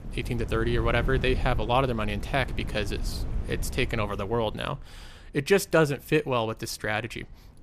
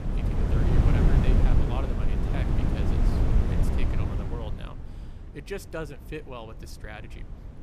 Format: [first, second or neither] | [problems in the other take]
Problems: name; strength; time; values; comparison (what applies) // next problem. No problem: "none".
first | wind noise on the microphone; heavy; 5 dB above the speech; occasional gusts in the first